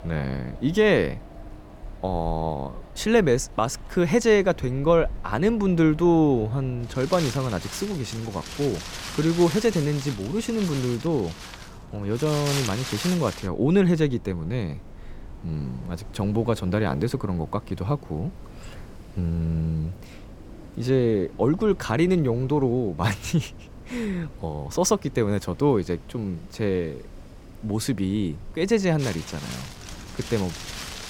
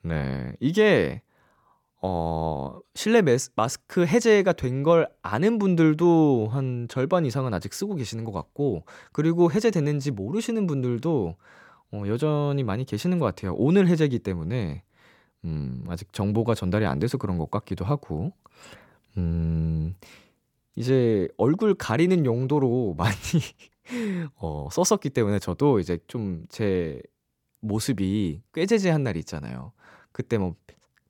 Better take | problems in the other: second | wind in the background; noticeable; throughout; 15 dB below the speech

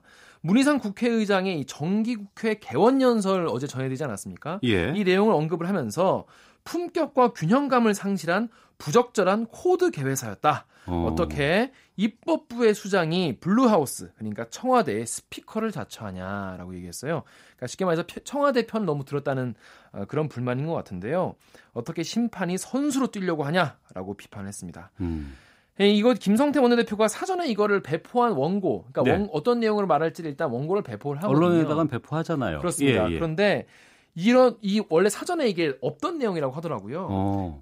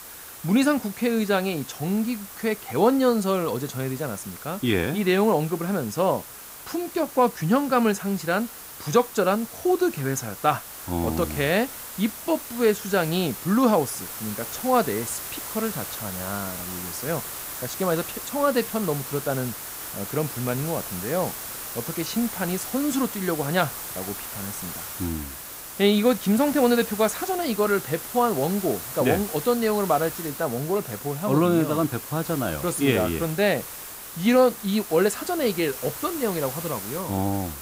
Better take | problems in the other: first | hiss; loud; throughout; 9 dB below the speech

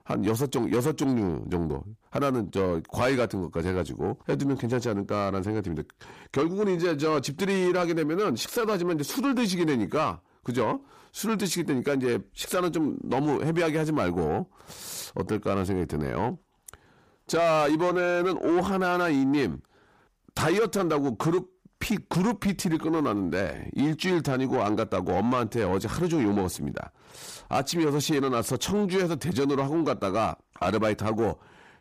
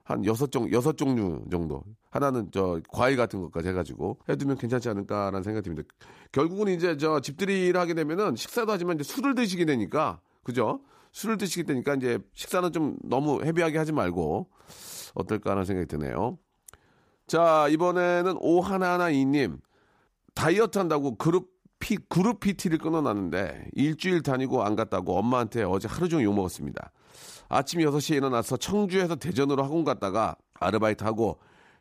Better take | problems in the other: second | distortion; slight; 10 dB below the speech

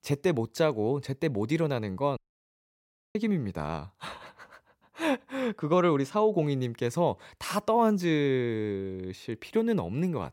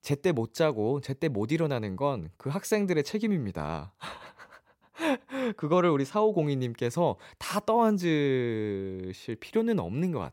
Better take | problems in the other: second | audio cutting out; at 2 s for 1 s

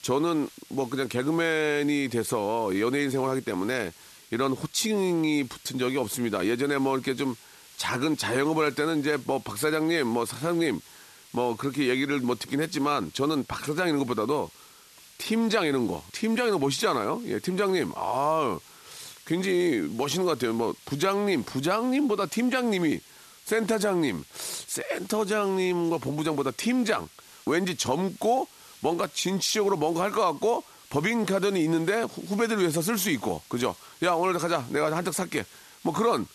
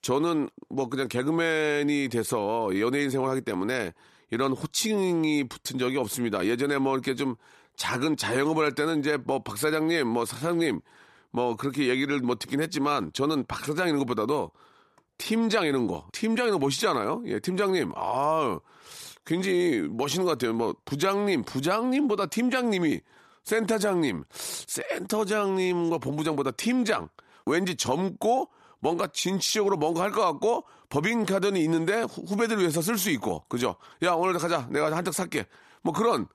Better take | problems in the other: second | hiss; faint; throughout; 20 dB below the speech

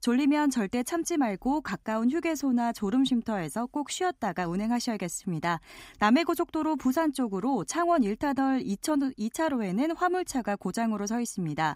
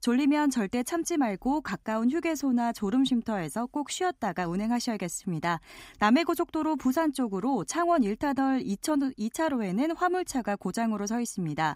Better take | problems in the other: neither | none

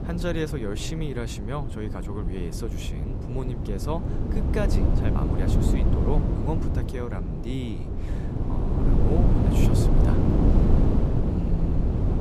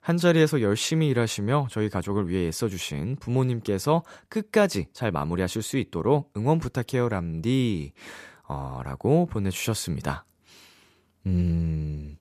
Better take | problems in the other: second | wind noise on the microphone; heavy; 2 dB above the speech

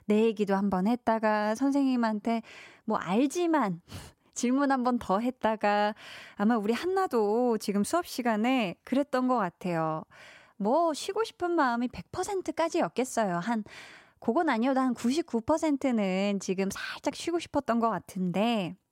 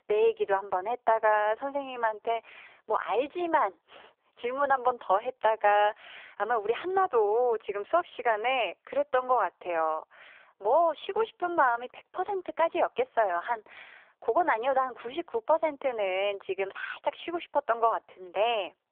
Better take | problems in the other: first | phone-call audio; poor line; nothing above 3.5 kHz

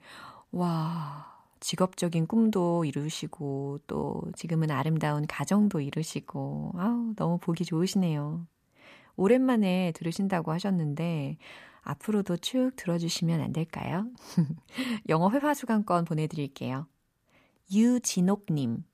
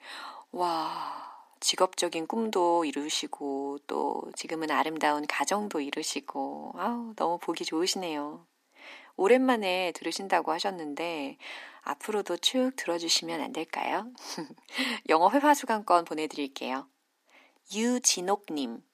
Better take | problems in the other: first | thin; somewhat; fading below 300 Hz

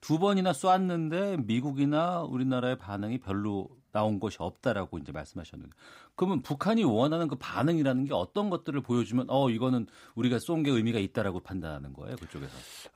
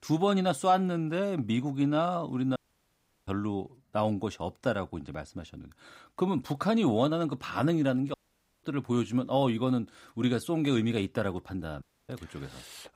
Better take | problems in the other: first | audio cutting out; at 2.5 s for 0.5 s, at 8 s for 0.5 s and at 12 s

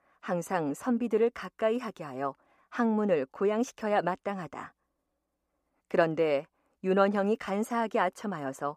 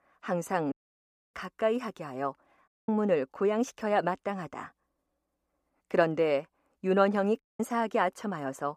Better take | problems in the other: first | audio cutting out; at 0.5 s for 0.5 s, at 2.5 s and at 7.5 s

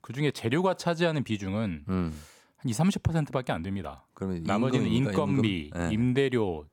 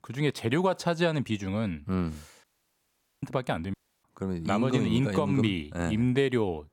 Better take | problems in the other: first | audio cutting out; at 2.5 s for 1 s and at 3.5 s

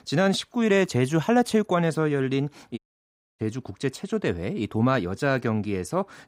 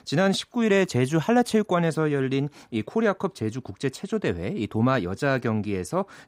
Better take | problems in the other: second | audio cutting out; at 3 s for 0.5 s

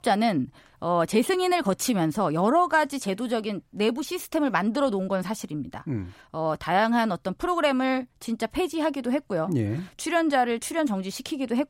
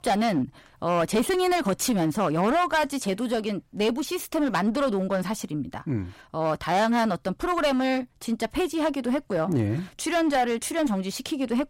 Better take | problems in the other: first | distortion; slight; 10% of the sound clipped

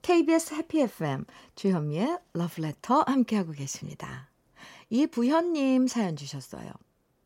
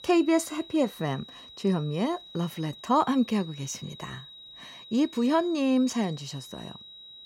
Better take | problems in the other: first | high-pitched whine; noticeable; throughout; 4 kHz, 15 dB below the speech

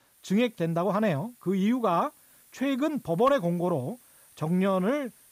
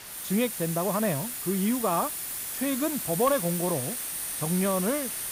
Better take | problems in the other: first | hiss; loud; throughout; 3 dB below the speech; faint in the first

